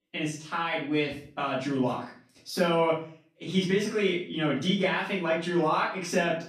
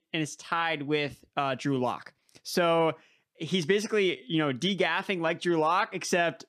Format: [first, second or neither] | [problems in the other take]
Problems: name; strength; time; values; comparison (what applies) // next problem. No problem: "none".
second | off-mic speech; far // room echo; noticeable; dies away in 0.4 s